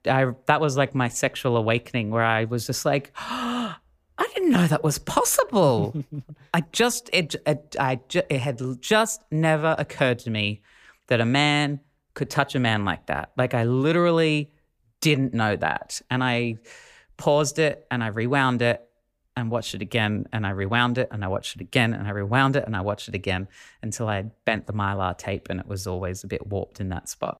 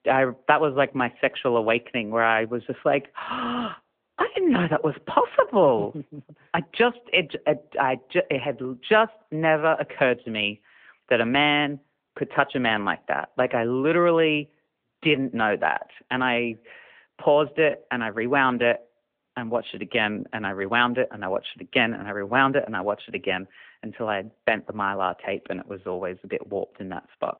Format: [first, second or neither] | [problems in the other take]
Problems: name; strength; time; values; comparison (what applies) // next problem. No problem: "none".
first | phone-call audio